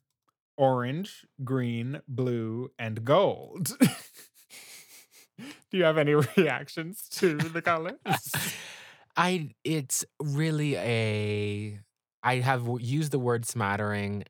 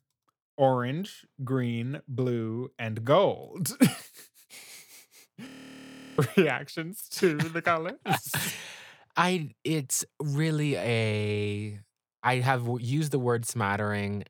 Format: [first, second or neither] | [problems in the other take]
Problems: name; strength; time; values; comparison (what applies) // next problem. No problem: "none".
first | audio freezing; at 5.5 s for 0.5 s